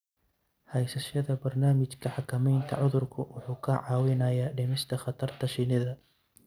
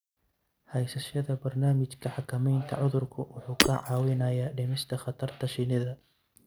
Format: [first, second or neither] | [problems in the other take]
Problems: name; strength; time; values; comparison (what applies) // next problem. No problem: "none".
first | background sound (Shatter); 2 dB below the speech